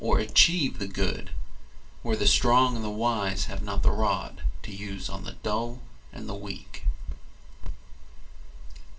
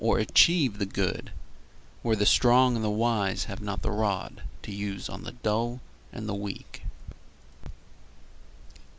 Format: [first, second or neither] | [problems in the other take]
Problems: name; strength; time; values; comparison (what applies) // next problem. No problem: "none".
second | room echo; dies away in 0.2 s